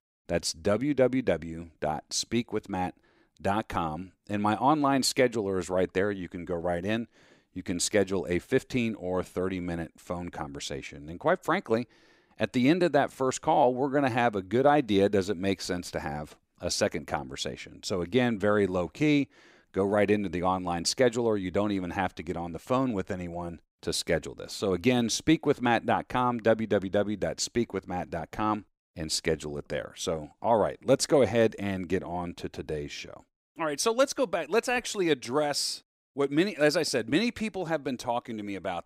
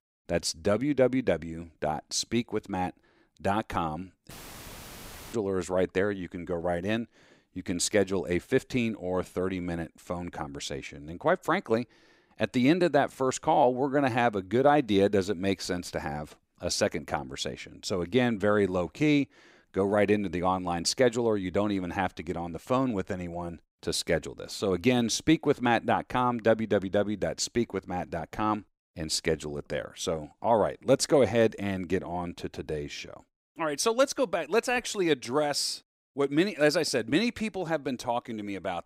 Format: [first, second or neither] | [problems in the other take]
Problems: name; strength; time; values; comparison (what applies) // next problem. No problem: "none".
first | audio cutting out; filled with static; at 4.5 s for 1 s